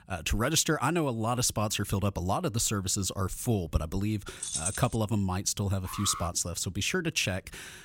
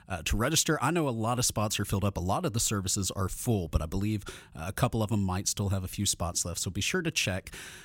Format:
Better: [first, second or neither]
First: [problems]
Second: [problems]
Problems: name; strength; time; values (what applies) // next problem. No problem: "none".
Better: second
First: jangling keys; noticeable; at 4.5 s; peak 2 dB below the speech // alarm; noticeable; at 6 s; peak 9 dB below the speech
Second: none